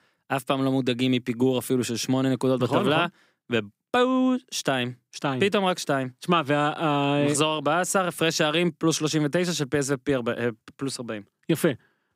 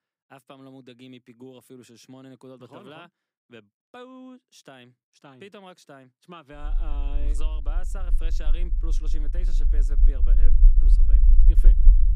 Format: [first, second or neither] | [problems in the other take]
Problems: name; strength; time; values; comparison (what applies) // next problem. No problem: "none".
first | low rumble; loud; from 6.5 s on; 4 dB below the speech